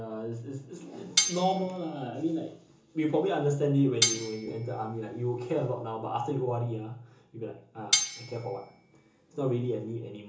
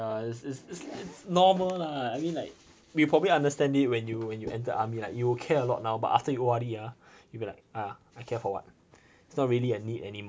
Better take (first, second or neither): second